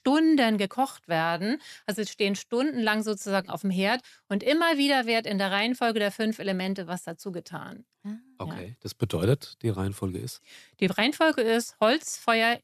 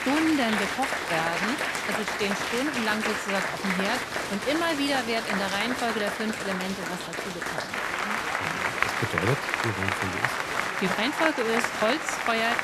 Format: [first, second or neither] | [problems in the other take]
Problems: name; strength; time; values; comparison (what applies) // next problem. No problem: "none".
first | crowd noise; very loud; throughout; 1 dB above the speech